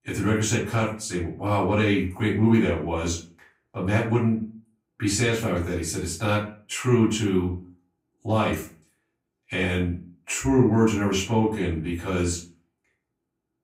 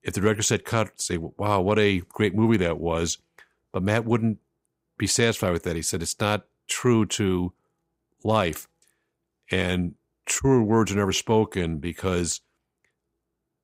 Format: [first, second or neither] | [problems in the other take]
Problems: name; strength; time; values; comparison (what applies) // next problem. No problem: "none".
second | off-mic speech; far // room echo; slight; dies away in 0.3 s